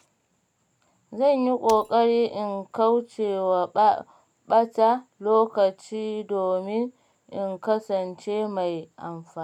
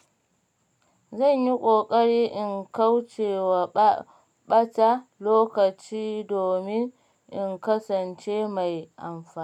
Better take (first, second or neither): second